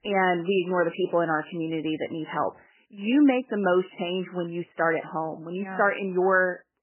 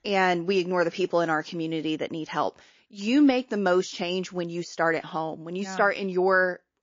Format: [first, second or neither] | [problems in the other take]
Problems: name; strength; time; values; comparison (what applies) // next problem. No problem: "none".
second | garbled, watery; badly; nothing above 3 kHz; slightly in the second